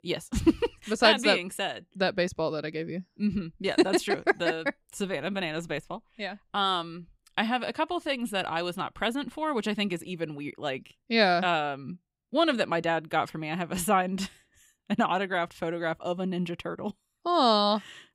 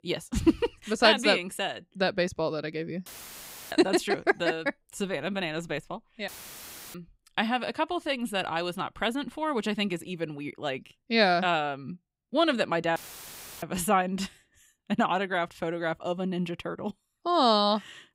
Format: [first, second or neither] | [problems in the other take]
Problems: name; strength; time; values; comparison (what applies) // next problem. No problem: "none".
first | audio cutting out; filled with static; at 3 s for 0.5 s, at 6.5 s for 0.5 s and at 13 s for 0.5 s